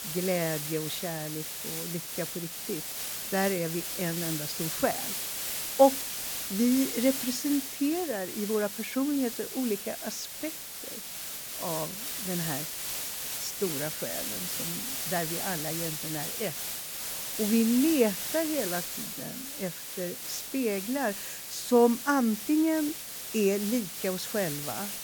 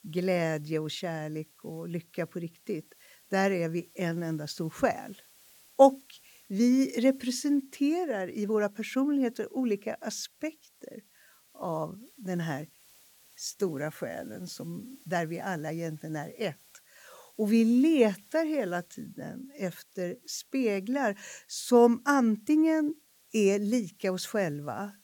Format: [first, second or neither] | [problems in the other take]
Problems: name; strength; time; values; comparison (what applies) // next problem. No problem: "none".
second | hiss; loud; throughout; 3 dB below the speech; faint in the second